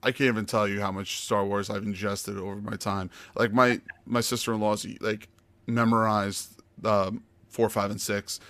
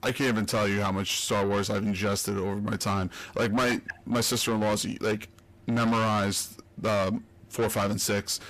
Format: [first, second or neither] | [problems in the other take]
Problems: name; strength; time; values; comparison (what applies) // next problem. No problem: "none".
first | distortion; heavy; 6 dB below the speech